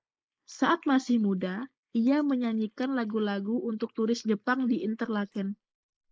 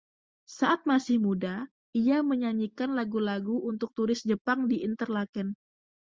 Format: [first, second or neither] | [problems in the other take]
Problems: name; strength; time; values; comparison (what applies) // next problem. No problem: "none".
second | noise reduction (neural mask model Resemble Enhance denoiser)